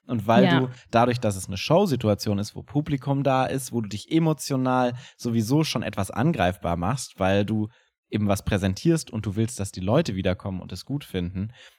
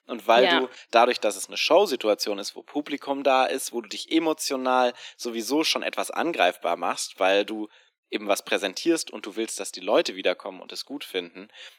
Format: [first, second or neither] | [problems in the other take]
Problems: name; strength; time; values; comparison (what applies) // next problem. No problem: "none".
first | thin; somewhat; fading below 300 Hz